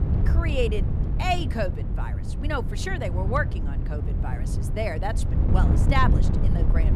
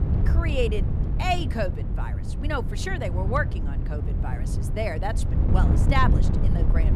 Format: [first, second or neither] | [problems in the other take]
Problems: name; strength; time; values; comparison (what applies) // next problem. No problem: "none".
neither | wind noise on the microphone; heavy; 9 dB below the speech; the same in both